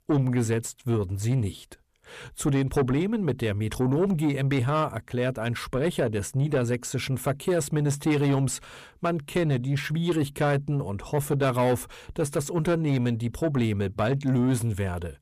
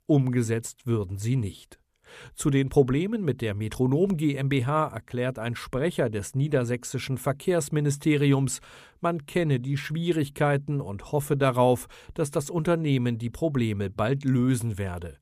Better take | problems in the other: second | distortion; slight; 10 dB below the speech

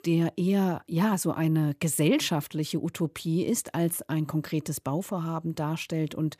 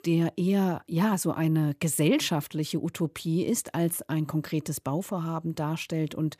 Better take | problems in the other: neither | none

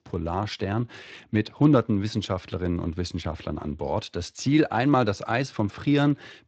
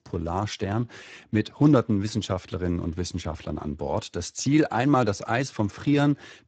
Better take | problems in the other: first | garbled, watery; badly; nothing above 7.5 kHz; slightly in the first

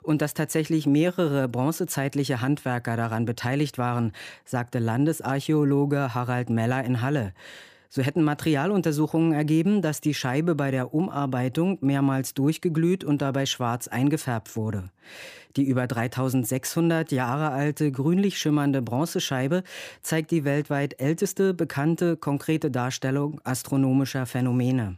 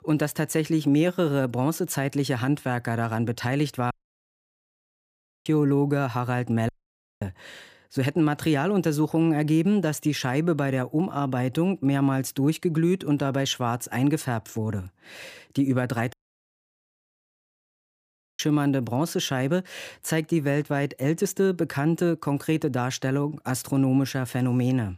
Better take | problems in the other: first | audio cutting out; at 4 s for 1.5 s, at 6.5 s for 0.5 s and at 16 s for 2.5 s

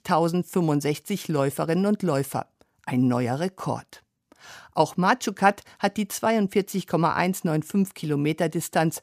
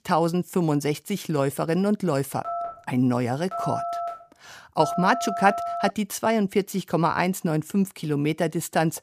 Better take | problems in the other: first | phone ringing; noticeable; from 2.5 to 6 s; peak 4 dB below the speech

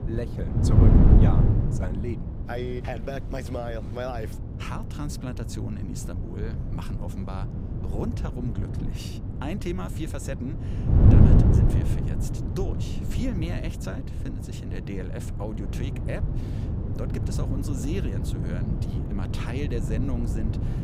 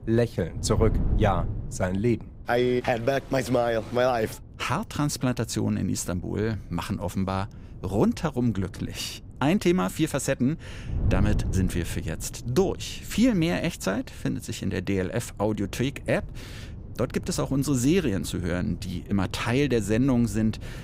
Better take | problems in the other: second | wind noise on the microphone; heavy; 1 dB above the speech; occasional gusts in the second

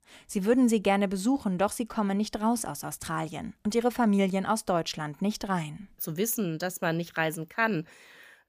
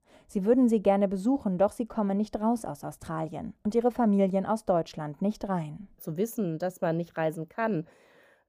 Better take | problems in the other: first | muffled; slightly; fading above 1.5 kHz

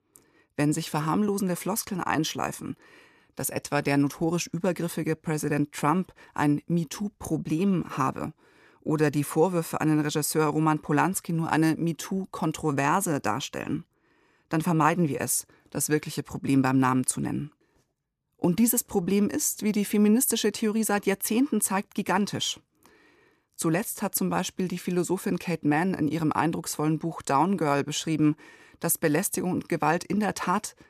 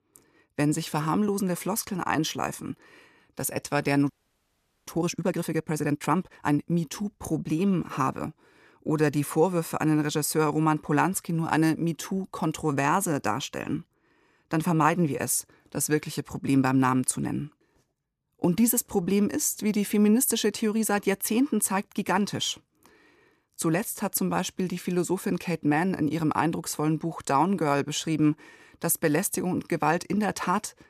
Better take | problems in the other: first | audio freezing; at 4 s for 1 s

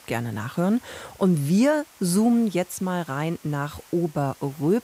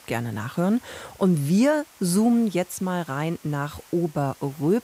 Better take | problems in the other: neither | hiss; faint; throughout; 25 dB below the speech; the same in both

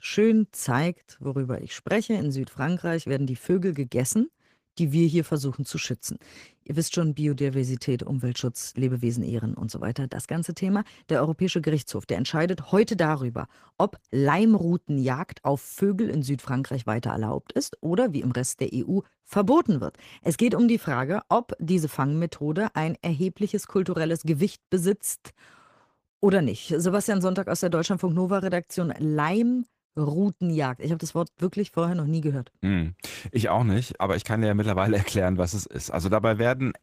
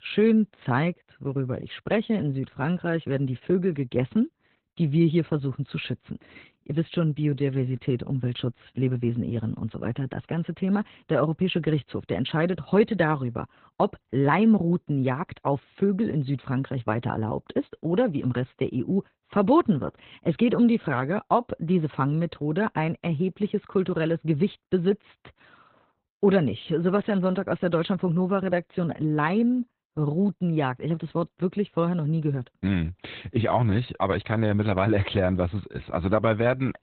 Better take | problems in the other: first | garbled, watery; badly; nothing above 4 kHz; slightly in the first

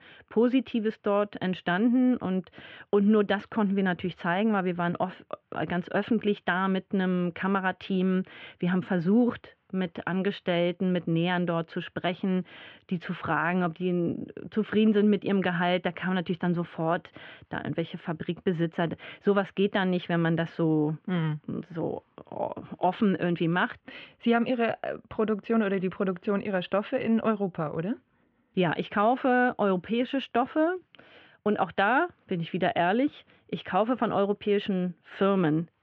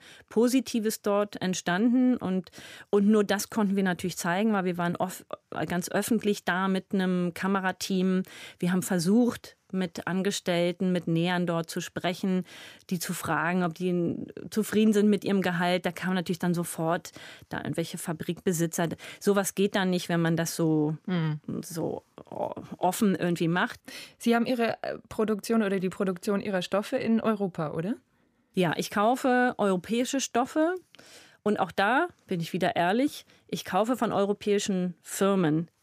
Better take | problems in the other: second | muffled; very; fading above 3 kHz

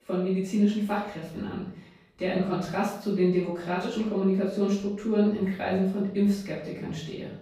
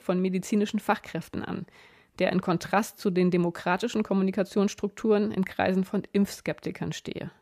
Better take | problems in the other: second | off-mic speech; far // room echo; noticeable; dies away in 0.6 s

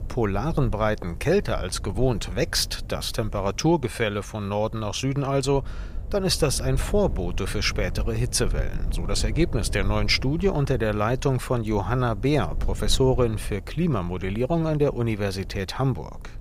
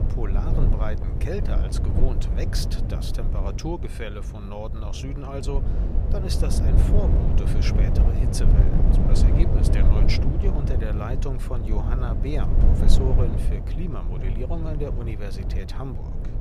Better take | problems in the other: first | low rumble; loud; throughout; 1 dB below the speech; faint in the first

